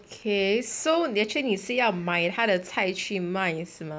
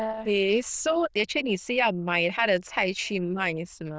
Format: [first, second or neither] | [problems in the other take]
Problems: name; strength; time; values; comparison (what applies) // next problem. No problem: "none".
first | noise reduction (neural diffusion model UNIVERSE++)